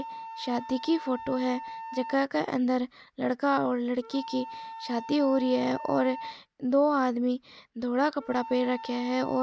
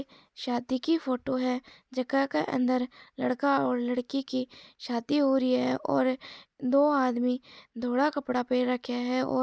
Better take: second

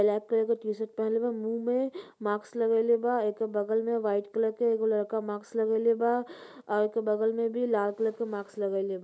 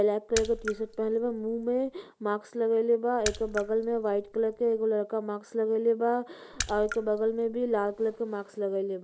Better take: first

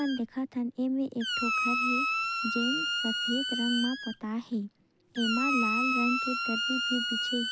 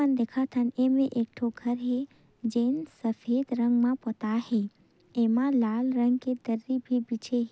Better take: second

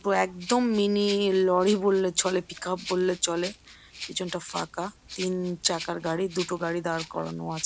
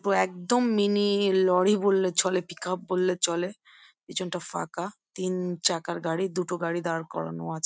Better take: second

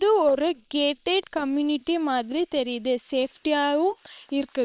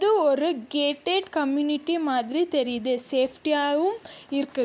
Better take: second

